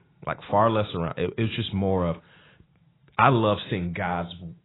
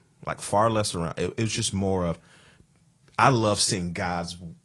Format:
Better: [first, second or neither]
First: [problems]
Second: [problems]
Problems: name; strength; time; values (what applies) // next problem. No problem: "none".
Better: second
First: garbled, watery; badly; nothing above 4 kHz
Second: garbled, watery; slightly; nothing above 10 kHz